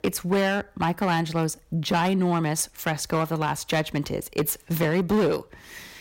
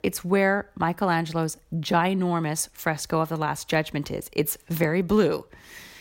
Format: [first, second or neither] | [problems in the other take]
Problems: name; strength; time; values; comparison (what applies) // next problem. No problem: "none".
second | distortion; slight; 7% of the sound clipped